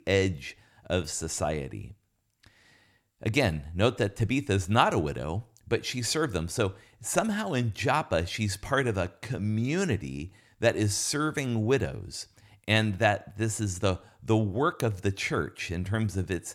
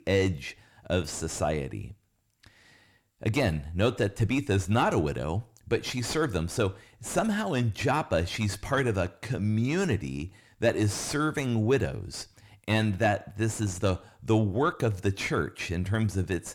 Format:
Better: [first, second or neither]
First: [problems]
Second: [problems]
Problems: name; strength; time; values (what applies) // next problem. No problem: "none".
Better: first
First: none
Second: distortion; slight; 10 dB below the speech